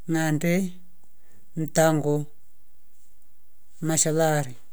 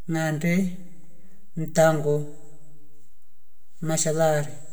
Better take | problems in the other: first | room echo; dies away in 1.1 s

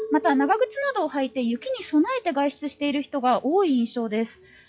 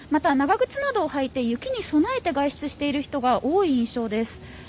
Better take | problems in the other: second | noise reduction (classical method log-MMSE)

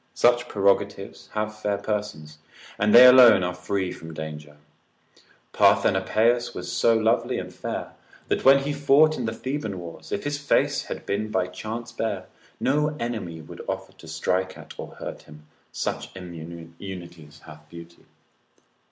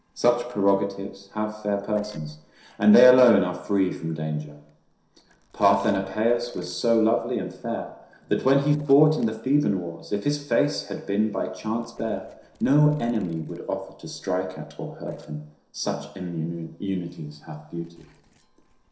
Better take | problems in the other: first | noise reduction (neural separator model SepFormer DNS4)

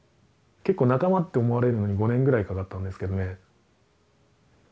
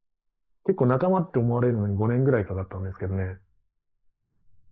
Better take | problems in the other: first | noise reduction (neural mask model Resemble Enhance denoiser)

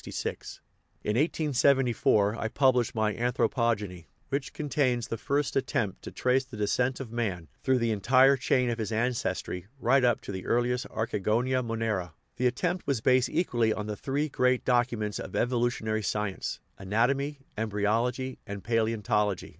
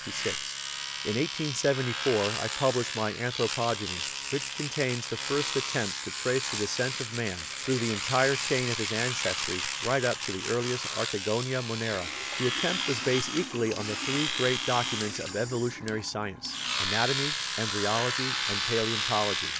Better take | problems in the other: first | background sound (Domestic sounds, home sounds); 2 dB below the speech

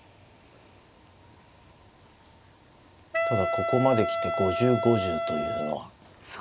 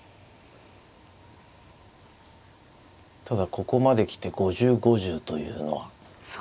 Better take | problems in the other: second | background sound (Wind instrument, woodwind instrument); 1 dB above the speech

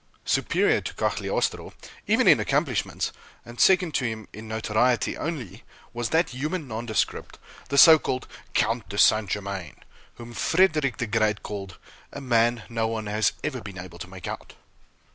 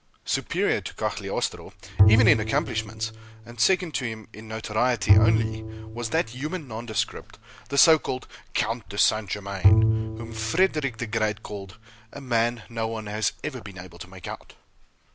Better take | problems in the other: first | background sound (Bowed string instrument); 2 dB above the speech

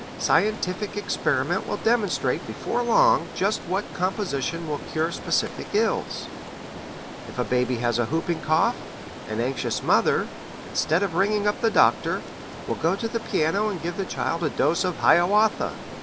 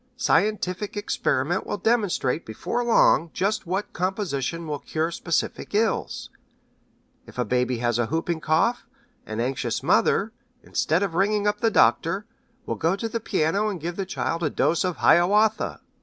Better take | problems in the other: second | background sound (Stream); 12 dB below the speech

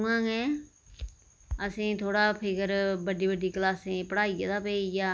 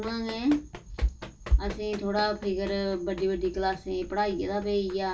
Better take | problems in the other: first | background sound (Run); 17 dB below the speech // room echo; dies away in 0.2 s

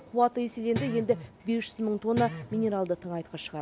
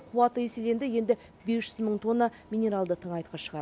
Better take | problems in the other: second | background sound (Guitar); 10 dB below the speech

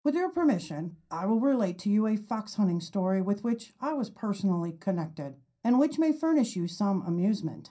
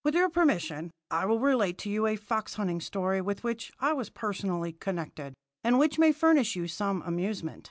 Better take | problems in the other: second | room echo; dies away in 0.3 s

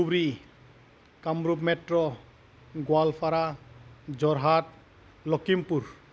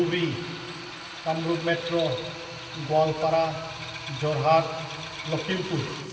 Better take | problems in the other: first | background sound (Drill); 11 dB below the speech // room echo; dies away in 2.1 s

